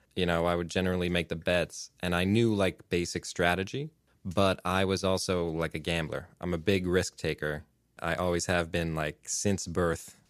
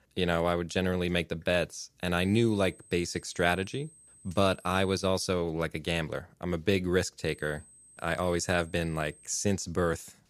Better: first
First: none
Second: high-pitched whine; faint; from 2 to 5 s and from 7.5 to 9.5 s; 8 kHz, 25 dB below the speech

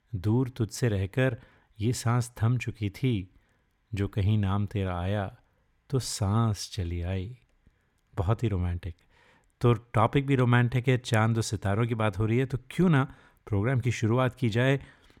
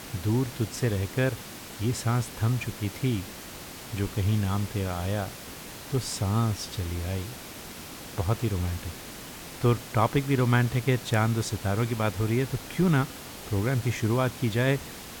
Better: first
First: none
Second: hiss; noticeable; throughout; 10 dB below the speech

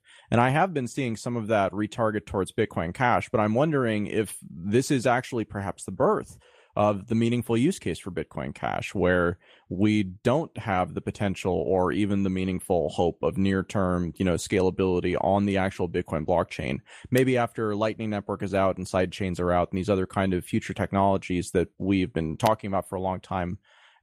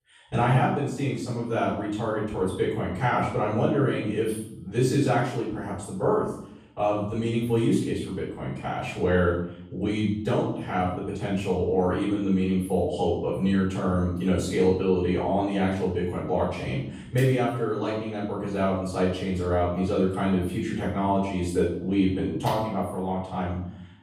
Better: first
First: none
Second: off-mic speech; far // room echo; noticeable; dies away in 0.6 s

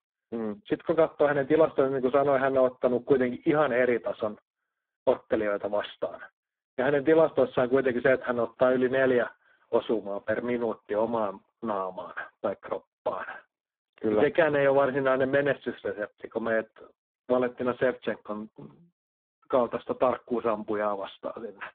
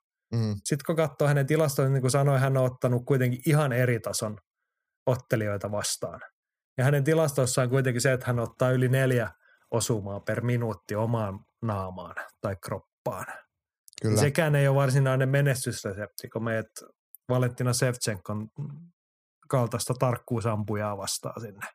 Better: second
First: phone-call audio; poor line; nothing above 3.5 kHz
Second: none

